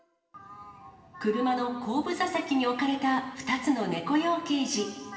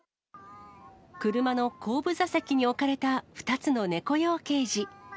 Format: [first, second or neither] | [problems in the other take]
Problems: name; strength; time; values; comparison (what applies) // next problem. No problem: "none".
second | room echo; dies away in 1.4 s